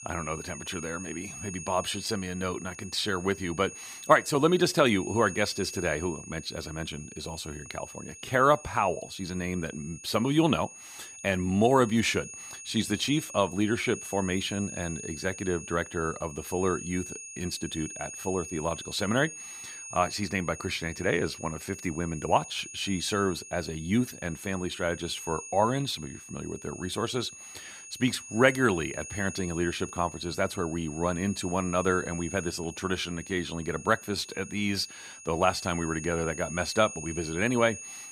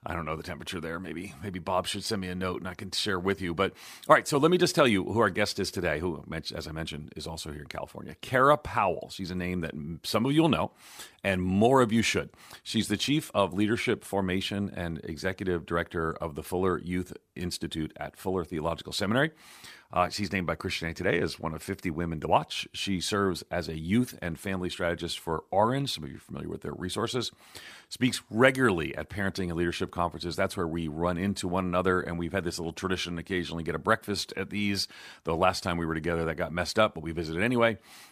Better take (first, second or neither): second